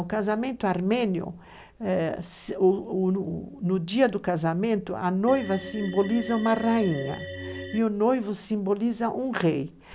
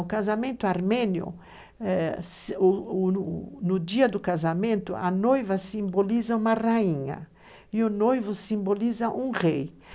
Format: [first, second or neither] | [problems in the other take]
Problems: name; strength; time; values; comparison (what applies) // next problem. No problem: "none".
second | background sound (Organ); 11 dB below the speech